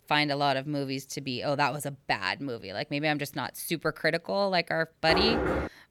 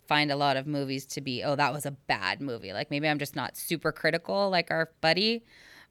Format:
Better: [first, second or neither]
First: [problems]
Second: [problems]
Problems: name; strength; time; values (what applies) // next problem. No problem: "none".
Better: second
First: door banging; loud; at 5 s; peak 1 dB above the speech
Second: none